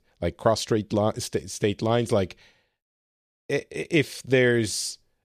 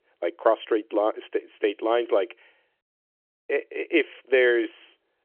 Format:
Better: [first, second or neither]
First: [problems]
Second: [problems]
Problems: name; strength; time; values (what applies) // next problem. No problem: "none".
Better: first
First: none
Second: phone-call audio; nothing above 3 kHz